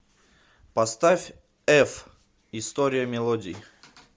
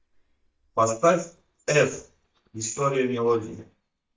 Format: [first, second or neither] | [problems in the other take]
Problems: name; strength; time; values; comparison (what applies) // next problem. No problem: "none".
first | noise reduction (neural mask model DeepFilterNet 3)